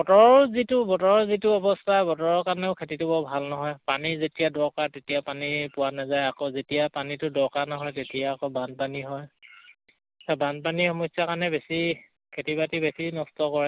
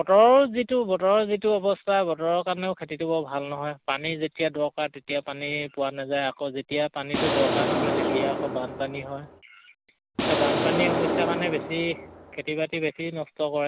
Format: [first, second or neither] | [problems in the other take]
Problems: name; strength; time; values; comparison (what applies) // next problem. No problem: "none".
first | background sound (Explosion); 1 dB below the speech